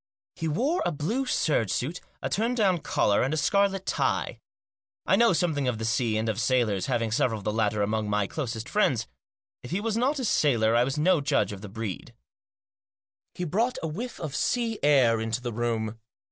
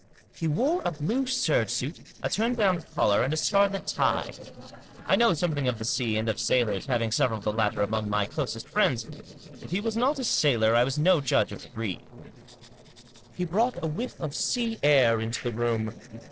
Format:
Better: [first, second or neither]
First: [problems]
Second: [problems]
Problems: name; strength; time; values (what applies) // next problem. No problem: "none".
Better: first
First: none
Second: noise reduction (neural separator model SepFormer DNS4)